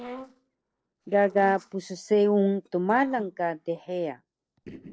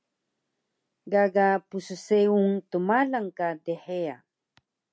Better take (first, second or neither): second